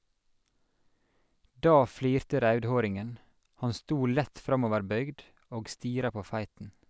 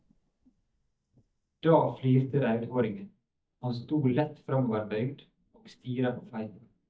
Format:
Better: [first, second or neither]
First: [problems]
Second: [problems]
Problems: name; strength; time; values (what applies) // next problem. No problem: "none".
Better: first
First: none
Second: noise reduction (neural mask model DeepFilterNet 3)